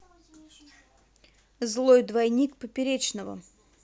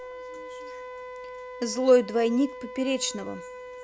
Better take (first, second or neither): first